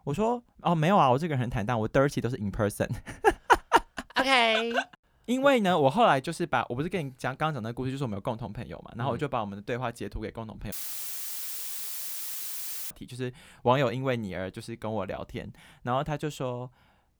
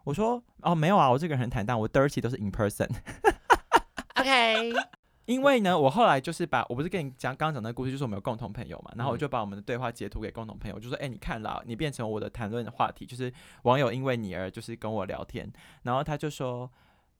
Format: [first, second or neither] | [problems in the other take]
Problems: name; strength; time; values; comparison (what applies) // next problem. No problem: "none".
second | audio cutting out; filled with static; at 11 s for 2 s